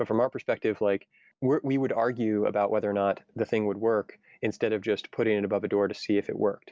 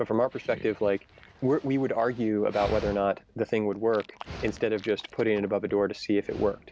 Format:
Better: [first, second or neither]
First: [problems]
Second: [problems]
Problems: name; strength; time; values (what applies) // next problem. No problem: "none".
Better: first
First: none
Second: background sound (Dog); 16 dB below the speech